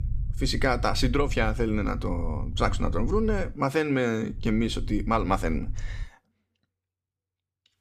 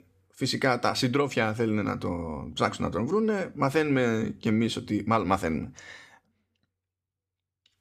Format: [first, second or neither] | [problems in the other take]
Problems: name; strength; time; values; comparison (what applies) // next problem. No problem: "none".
second | low rumble; very faint; until 3.5 s and from 4.5 to 6 s; 25 dB below the speech